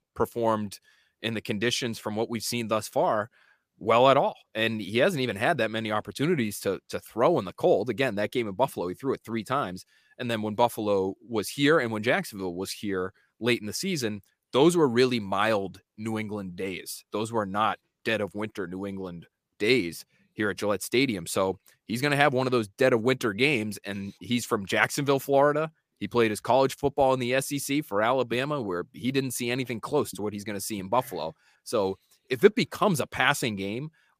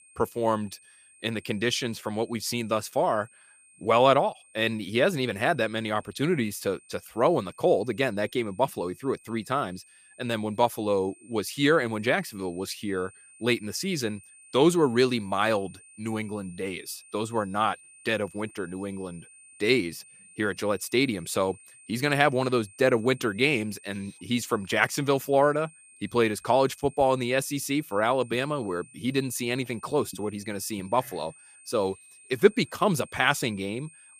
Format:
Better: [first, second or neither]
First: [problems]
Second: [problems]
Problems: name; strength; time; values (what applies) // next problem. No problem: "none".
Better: first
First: none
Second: high-pitched whine; faint; throughout; 9 kHz, 25 dB below the speech